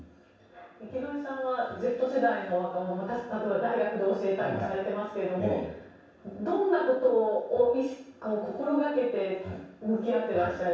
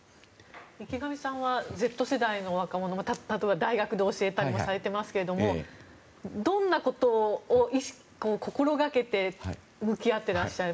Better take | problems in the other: second | room echo; dies away in 0.7 s

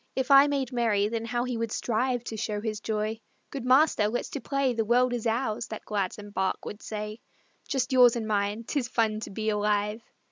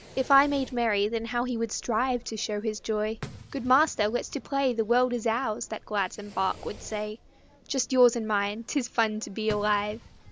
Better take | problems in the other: first | background sound (Fireworks); 20 dB below the speech

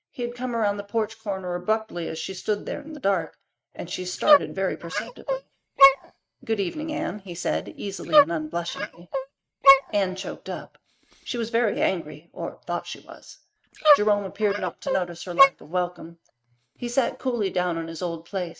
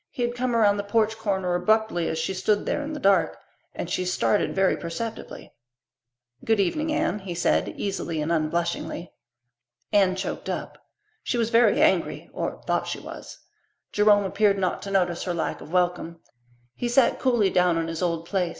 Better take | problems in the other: second | noise reduction (neural mask model RNNoise)

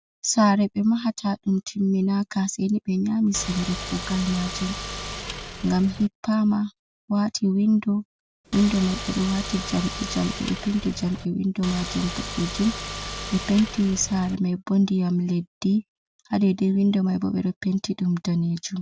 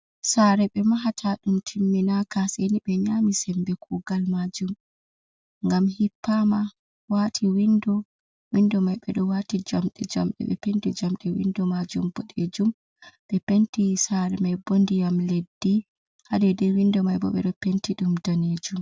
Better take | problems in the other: second | background sound (Car); 9 dB below the speech

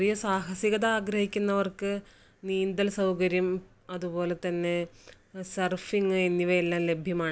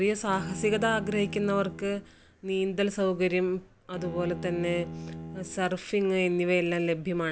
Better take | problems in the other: first | background sound (Bowed string instrument); 13 dB below the speech

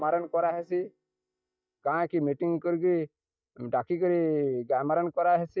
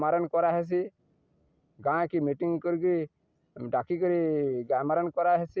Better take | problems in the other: second | noise reduction (neural mask model DeepFilterNet 3)

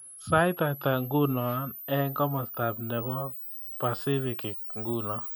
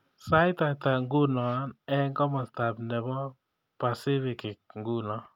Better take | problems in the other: second | background sound (Camera); 10 dB below the speech

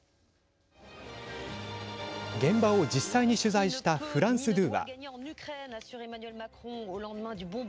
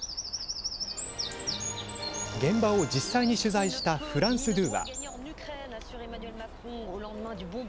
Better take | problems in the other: first | background sound (Bird vocalization, bird call, bird song); 7 dB below the speech

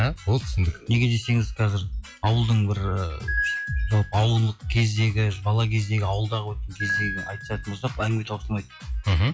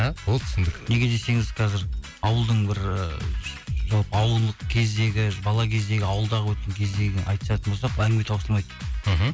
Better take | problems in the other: second | noise reduction (classical method log-MMSE)

